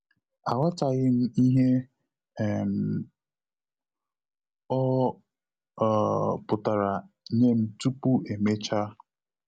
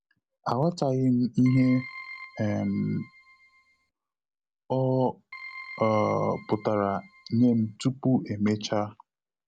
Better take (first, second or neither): first